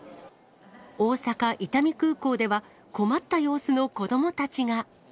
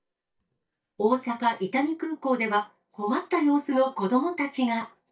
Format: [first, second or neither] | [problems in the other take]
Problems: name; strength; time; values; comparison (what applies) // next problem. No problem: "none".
first | noise reduction (neural mask model DeepFilterNet 3)